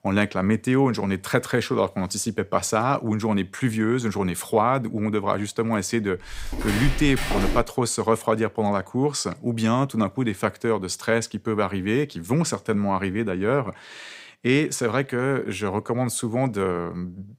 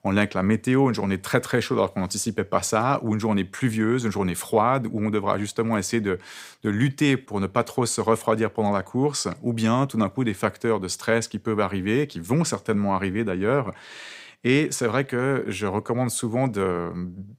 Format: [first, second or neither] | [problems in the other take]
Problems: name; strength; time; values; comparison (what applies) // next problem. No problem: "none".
second | footsteps; noticeable; from 6.5 to 7.5 s; peak 2 dB below the speech